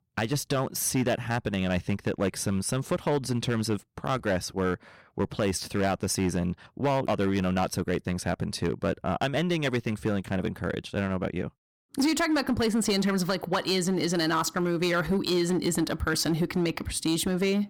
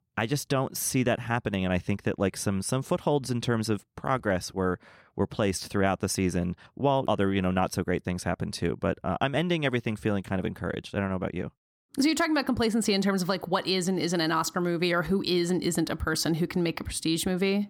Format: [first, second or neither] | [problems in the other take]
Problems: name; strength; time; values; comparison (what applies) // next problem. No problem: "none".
second | distortion; slight; 7% of the sound clipped